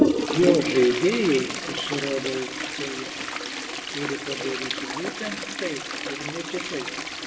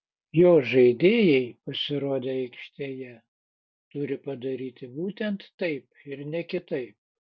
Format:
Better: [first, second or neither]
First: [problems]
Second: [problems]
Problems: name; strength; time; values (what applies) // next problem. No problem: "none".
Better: second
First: background sound (Toilet flush); 1 dB below the speech // room echo; dies away in 0.8 s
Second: none